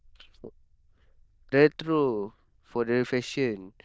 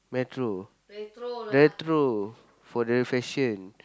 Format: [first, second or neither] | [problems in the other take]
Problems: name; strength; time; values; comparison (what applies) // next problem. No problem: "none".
second | noise reduction (neural diffusion model UNIVERSE++)